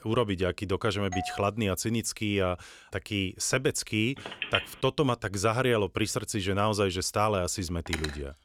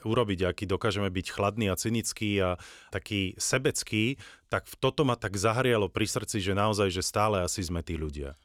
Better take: second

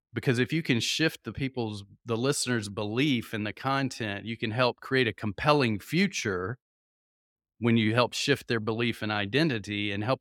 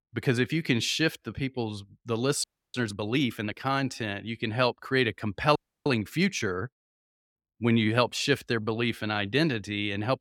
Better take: first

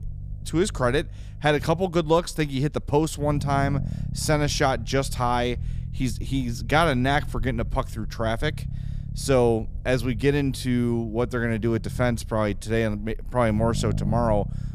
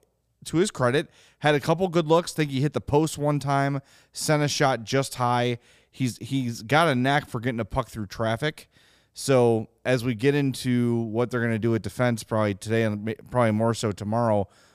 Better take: second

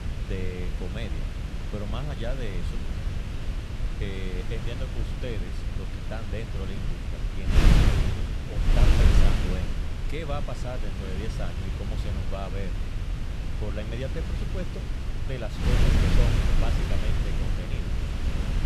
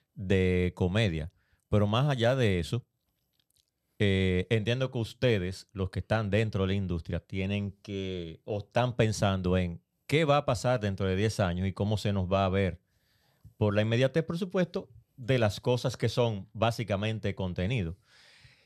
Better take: second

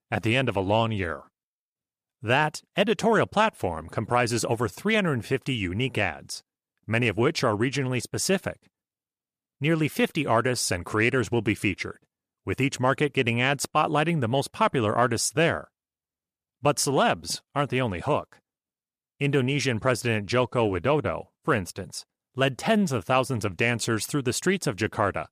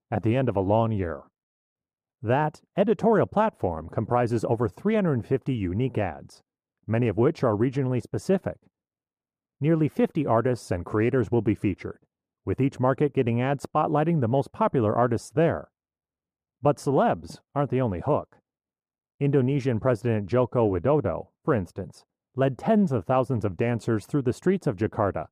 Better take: first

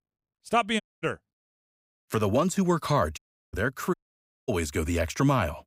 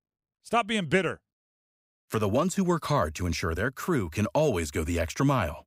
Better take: second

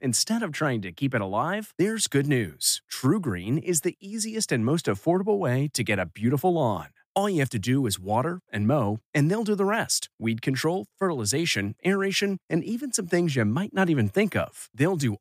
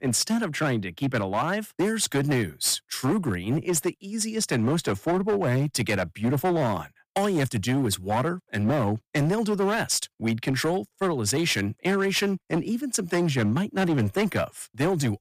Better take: first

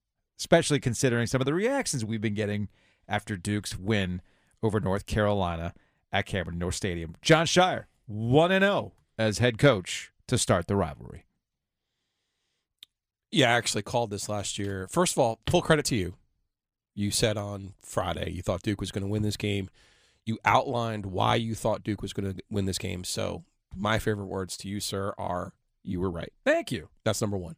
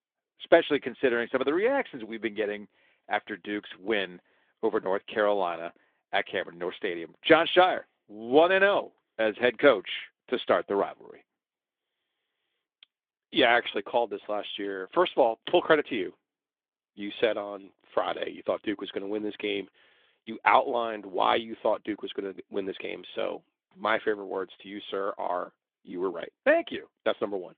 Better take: first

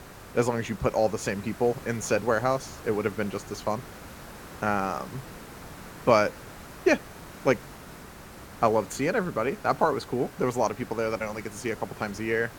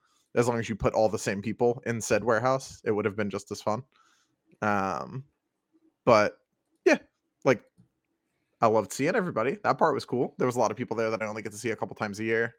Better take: second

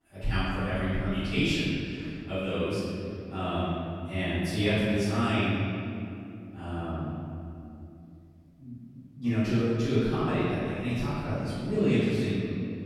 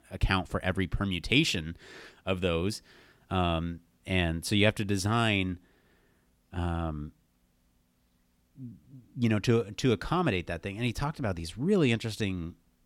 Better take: second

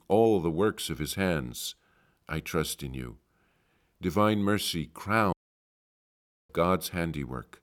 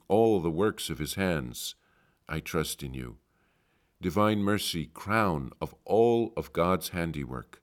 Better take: second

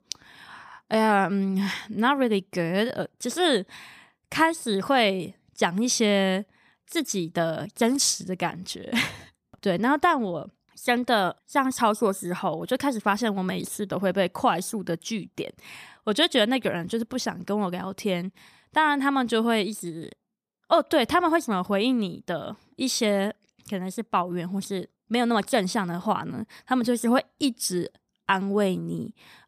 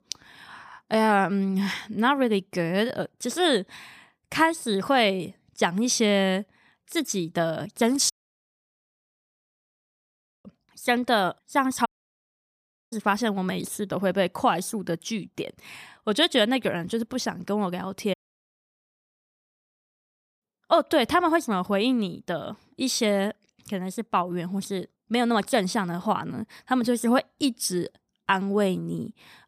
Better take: first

